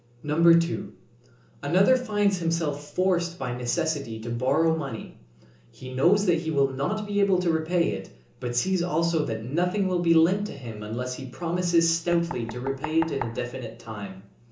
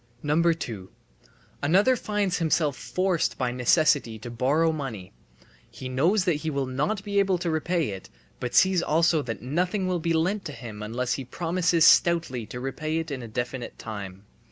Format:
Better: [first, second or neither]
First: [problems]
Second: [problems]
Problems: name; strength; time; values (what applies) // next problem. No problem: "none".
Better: second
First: background sound (Knock); 15 dB below the speech // room echo; dies away in 0.8 s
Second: none